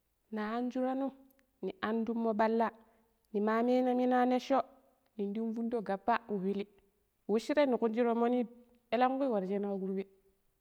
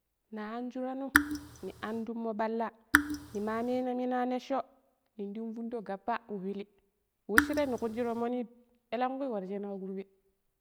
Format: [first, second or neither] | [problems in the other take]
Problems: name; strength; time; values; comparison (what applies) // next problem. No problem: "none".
first | background sound (Raindrop / Drip); 4 dB above the speech